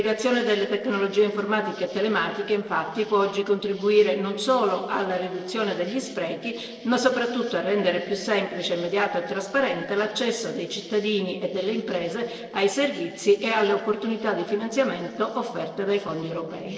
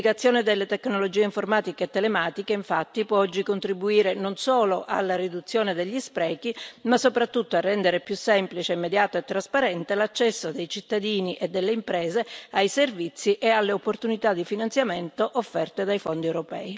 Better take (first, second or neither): second